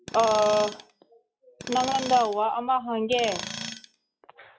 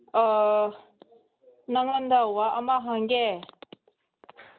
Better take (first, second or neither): second